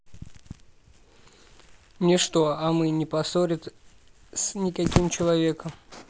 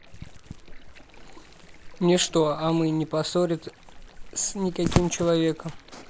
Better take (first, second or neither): first